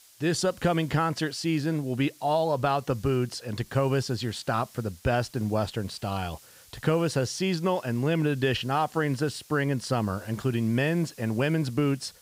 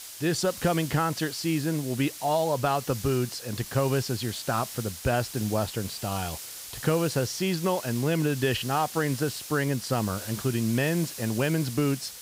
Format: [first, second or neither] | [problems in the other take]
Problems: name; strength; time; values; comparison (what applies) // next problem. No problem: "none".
first | hiss; loud; throughout; 10 dB below the speech; faint in the first